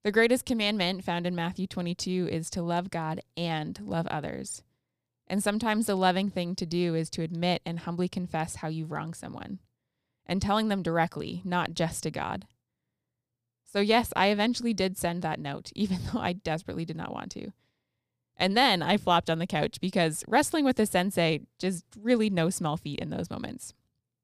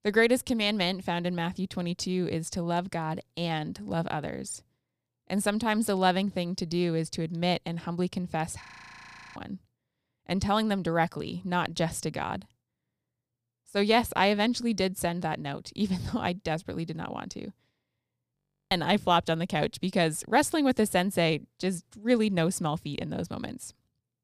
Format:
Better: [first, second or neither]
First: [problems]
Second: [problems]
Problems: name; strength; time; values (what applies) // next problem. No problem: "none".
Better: first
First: none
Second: audio freezing; at 8.5 s for 0.5 s and at 18 s